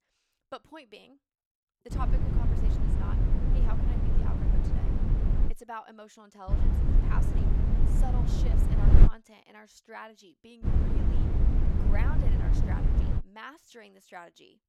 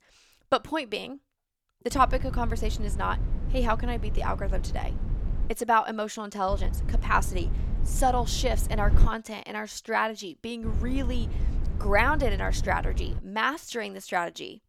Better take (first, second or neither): second